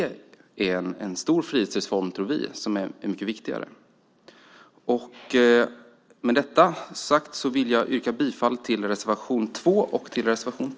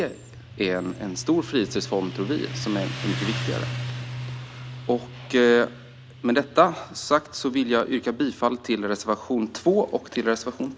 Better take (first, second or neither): first